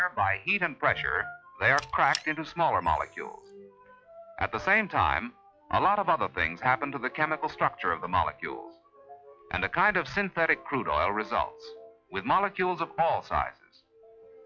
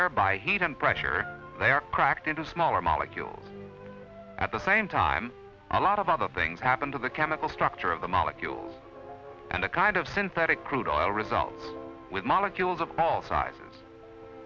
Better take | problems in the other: second | noise reduction (classical method log-MMSE)

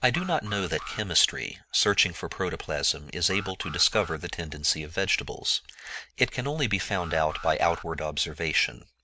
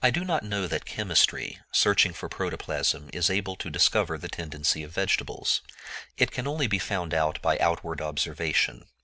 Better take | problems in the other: second | background sound (Alarm); 16 dB below the speech

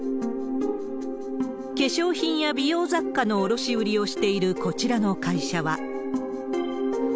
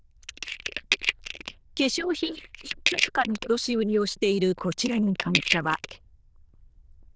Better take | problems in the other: first | noise reduction (neural diffusion model UNIVERSE++)

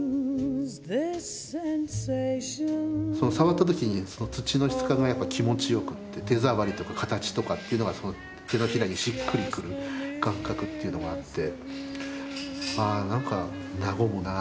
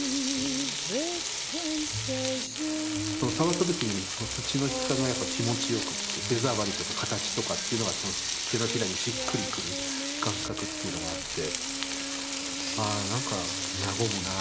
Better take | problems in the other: first | background sound (Frying (food)); 1 dB below the speech

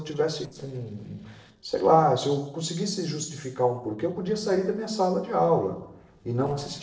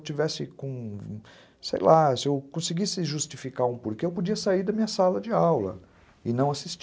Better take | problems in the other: second | noise reduction (neural separator model SepFormer DNS4)

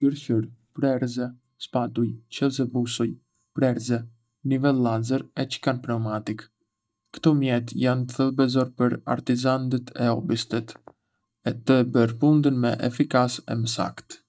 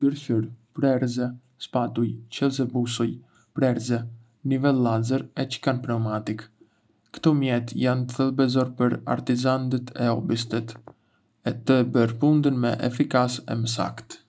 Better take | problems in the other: second | noise reduction (neural mask model DeepFilterNet 3)

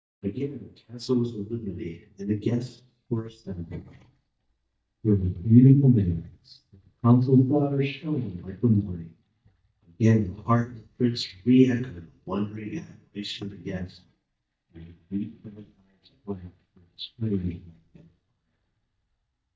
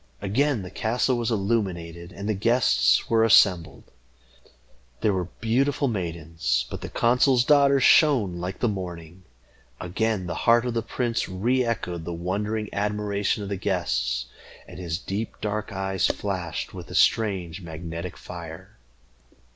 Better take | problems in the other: second | noise reduction (neural mask model DeepFilterNet 3)

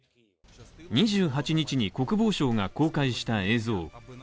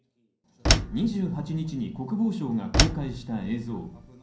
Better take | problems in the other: first | background sound (Slam); 3 dB above the speech // room echo; dies away in 0.6 s

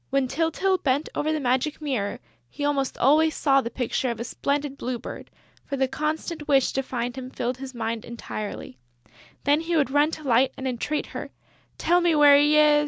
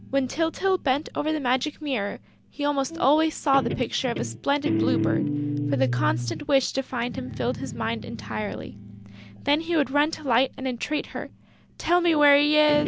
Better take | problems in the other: first | background sound (Guitar); 7 dB below the speech

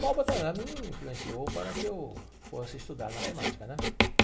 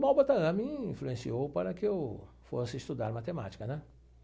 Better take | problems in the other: second | background sound (Writing); 1 dB above the speech // room echo; dies away in 1.8 s

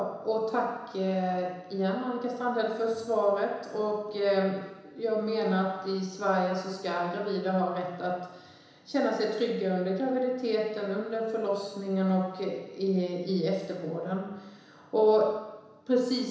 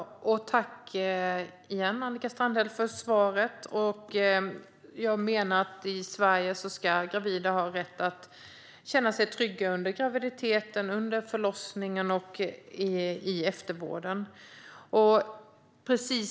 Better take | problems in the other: second | room echo; dies away in 1 s

